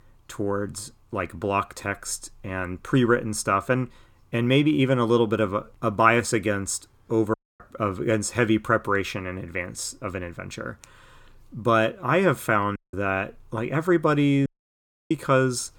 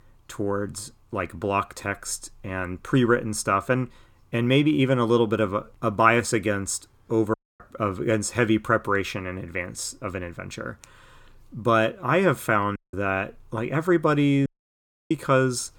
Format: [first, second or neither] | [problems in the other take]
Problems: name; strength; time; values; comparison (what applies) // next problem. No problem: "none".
neither | audio cutting out; at 7.5 s, at 13 s and at 14 s for 0.5 s; the same in both